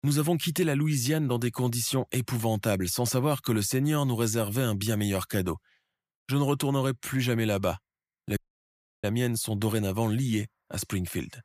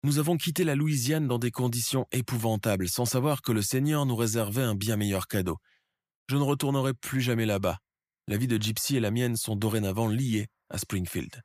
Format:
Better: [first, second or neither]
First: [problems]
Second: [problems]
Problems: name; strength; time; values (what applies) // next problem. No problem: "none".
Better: second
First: audio cutting out; at 8.5 s for 0.5 s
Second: none